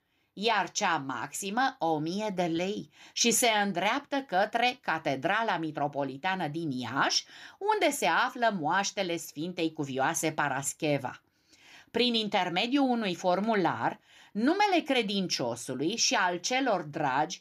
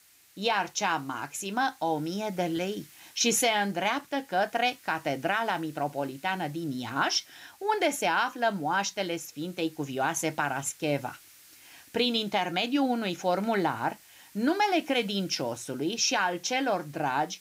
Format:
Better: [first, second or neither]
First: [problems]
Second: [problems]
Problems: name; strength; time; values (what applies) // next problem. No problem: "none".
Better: first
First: none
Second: hiss; faint; throughout; 25 dB below the speech